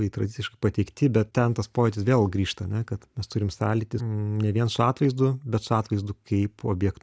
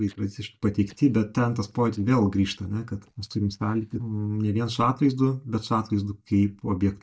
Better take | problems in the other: first | noise reduction (neural mask model DeepFilterNet 3)

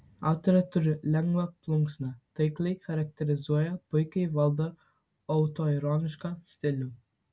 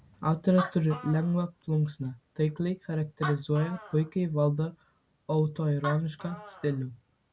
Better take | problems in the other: first | background sound (Animal); 15 dB below the speech

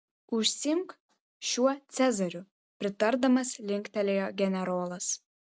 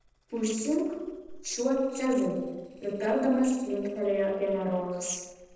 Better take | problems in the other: first | noise reduction (neural separator model SepFormer DNS4)

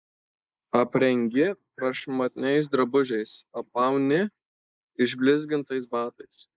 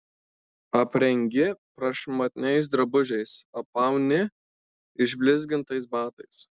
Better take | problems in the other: second | noise reduction (neural mask model Resemble Enhance denoiser)

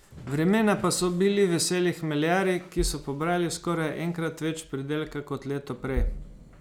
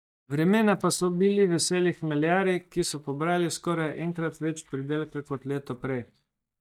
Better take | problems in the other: first | noise reduction (neural mask model DeepFilterNet 3)

